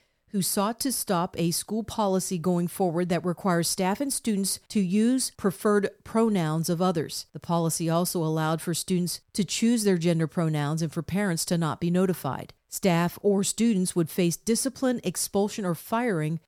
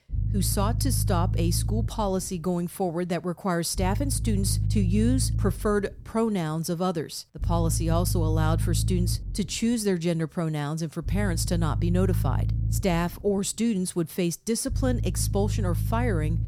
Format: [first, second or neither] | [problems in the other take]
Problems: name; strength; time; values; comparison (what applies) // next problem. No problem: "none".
first | low rumble; noticeable; throughout; 10 dB below the speech